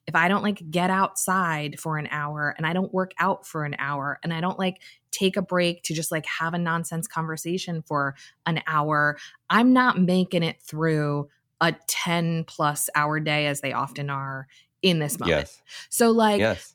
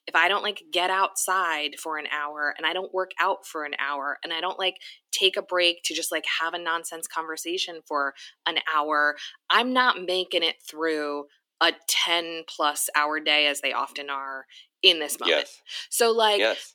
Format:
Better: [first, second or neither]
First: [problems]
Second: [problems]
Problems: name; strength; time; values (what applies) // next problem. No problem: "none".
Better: first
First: none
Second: thin; very; fading below 300 Hz